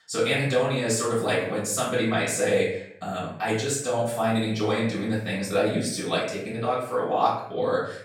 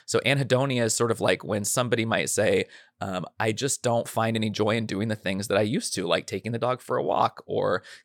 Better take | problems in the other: second | off-mic speech; far // room echo; noticeable; dies away in 0.6 s

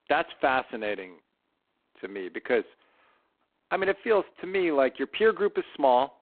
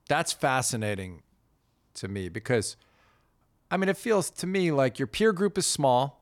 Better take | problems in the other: second | phone-call audio; poor line; nothing above 4 kHz

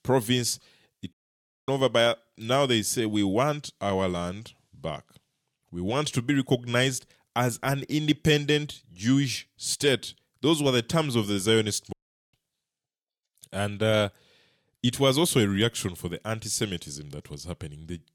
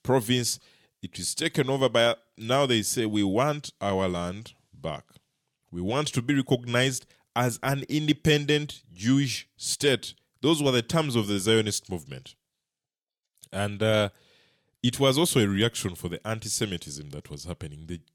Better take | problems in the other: second | audio cutting out; at 1 s for 0.5 s and at 12 s

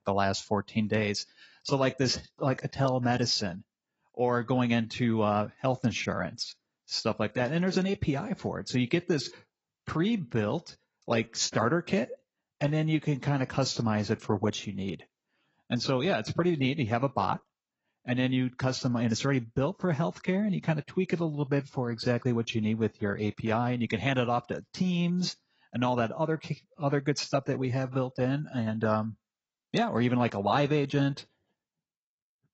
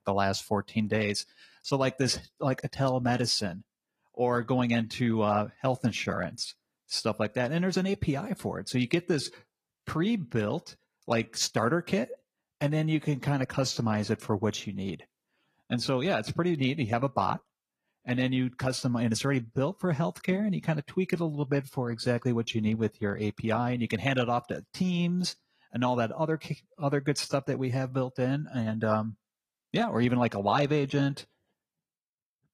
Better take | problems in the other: second | garbled, watery; badly; nothing above 7.5 kHz; slightly in the second

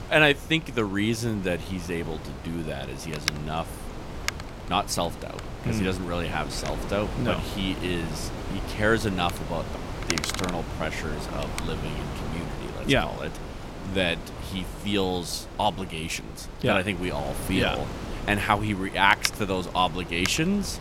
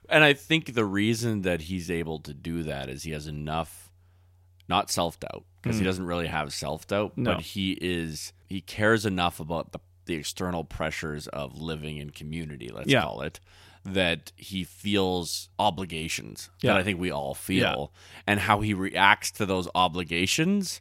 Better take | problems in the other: second | wind noise on the microphone; heavy; 10 dB below the speech

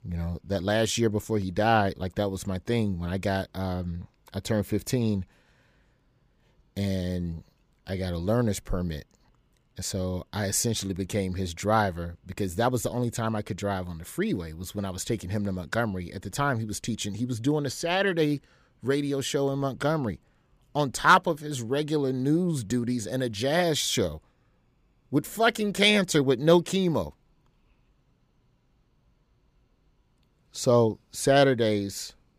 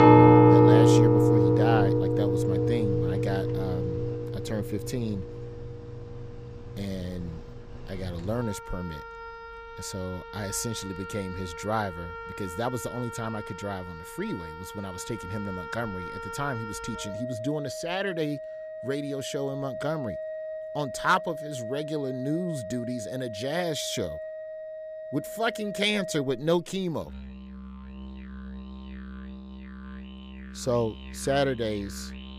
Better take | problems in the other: first | background music; very loud; throughout; 5 dB above the speech

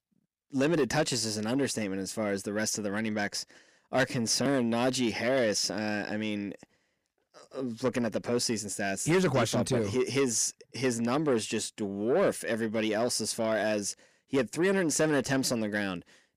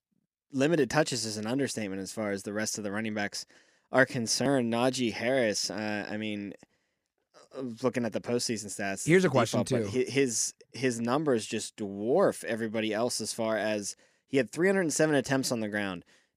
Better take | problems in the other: second | distortion; slight; 10 dB below the speech

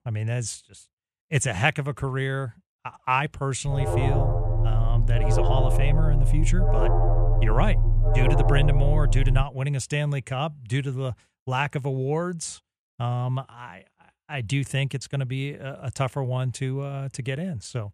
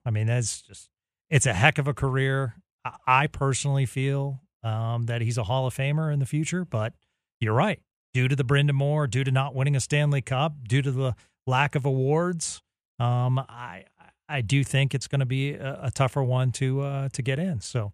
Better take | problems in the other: second | alarm; loud; from 3.5 to 9.5 s; peak 5 dB above the speech

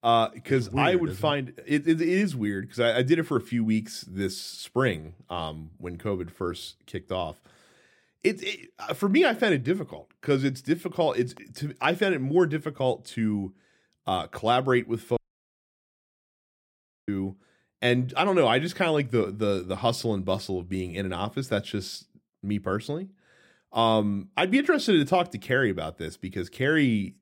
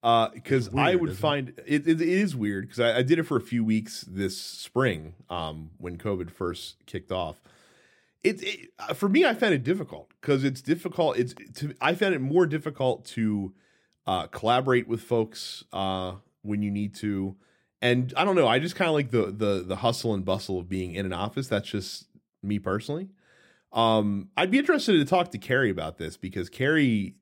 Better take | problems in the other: second | audio cutting out; at 15 s for 2 s

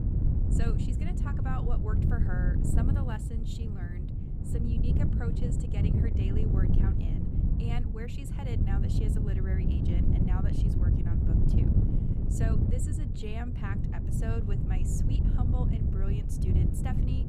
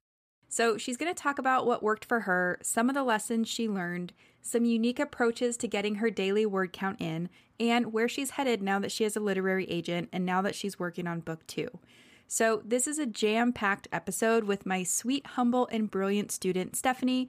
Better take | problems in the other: second | wind noise on the microphone; heavy; 3 dB above the speech

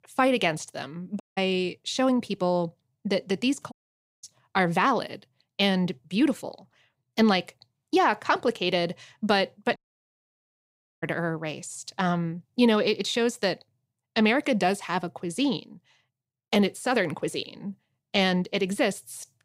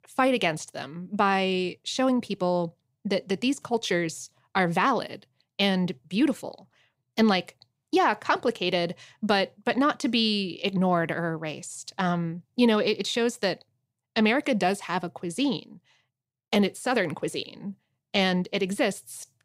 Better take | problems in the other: second | audio cutting out; at 1 s, at 3.5 s for 0.5 s and at 10 s for 1.5 s

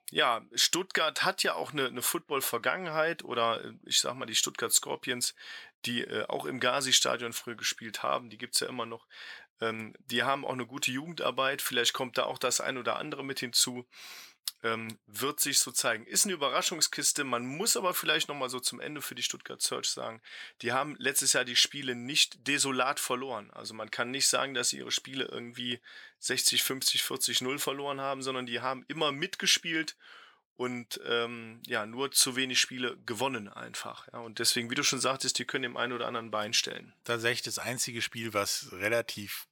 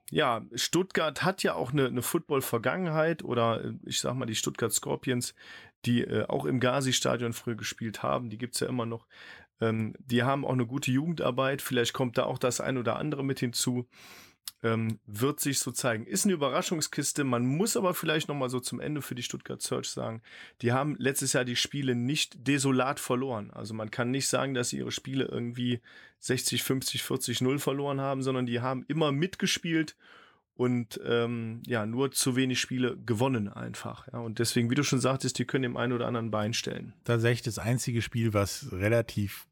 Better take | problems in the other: second | thin; somewhat; fading below 1 kHz

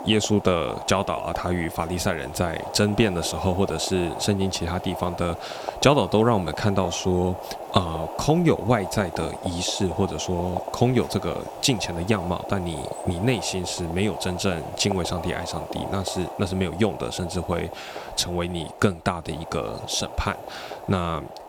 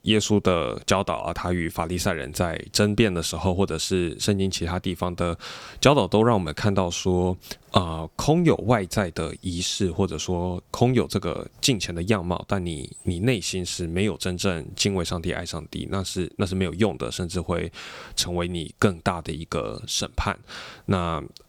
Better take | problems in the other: second | household noises; loud; throughout; 10 dB below the speech

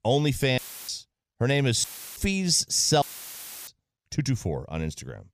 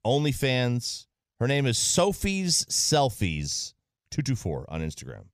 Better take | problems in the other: second | audio cutting out; filled with static; at 0.5 s, at 2 s and at 3 s for 0.5 s

